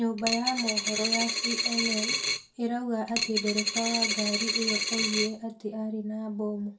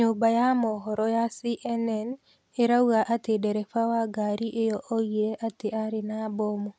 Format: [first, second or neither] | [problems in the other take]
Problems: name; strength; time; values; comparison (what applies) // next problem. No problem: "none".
second | background sound (Coin (dropping)); 2 dB above the speech // room echo; dies away in 0.2 s